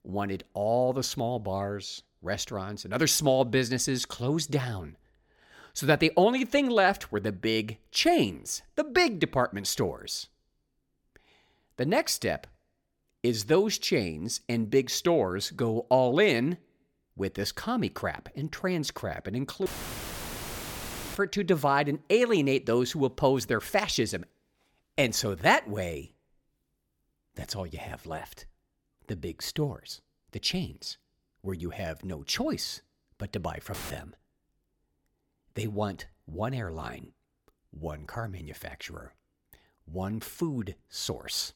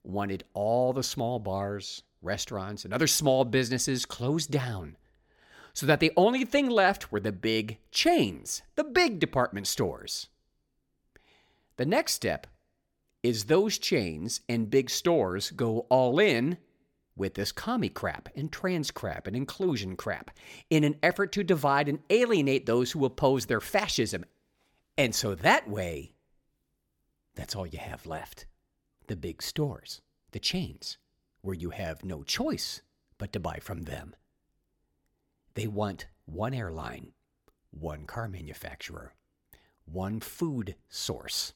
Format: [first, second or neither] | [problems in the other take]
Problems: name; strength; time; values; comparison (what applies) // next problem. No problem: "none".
second | audio cutting out; filled with static; at 20 s for 1.5 s and at 34 s